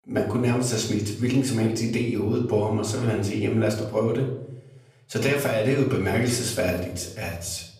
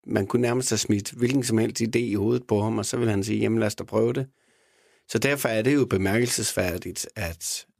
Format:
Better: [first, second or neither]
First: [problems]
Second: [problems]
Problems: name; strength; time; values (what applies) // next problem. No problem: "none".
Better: second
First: off-mic speech; far // room echo; slight; dies away in 0.7 s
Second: none